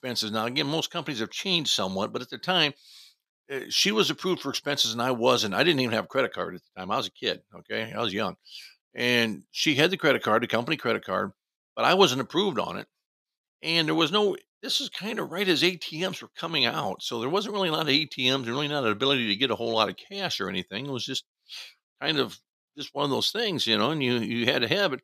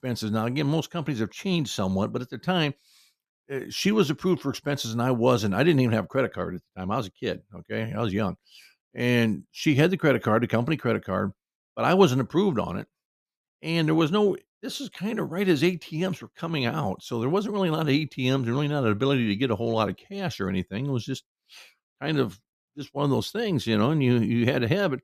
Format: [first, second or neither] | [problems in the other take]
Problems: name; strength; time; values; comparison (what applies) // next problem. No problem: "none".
second | thin; very slightly; fading below 550 Hz